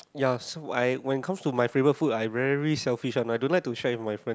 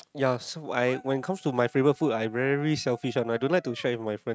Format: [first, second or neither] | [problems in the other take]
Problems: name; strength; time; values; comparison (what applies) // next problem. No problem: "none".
first | noise reduction (neural mask model RNNoise)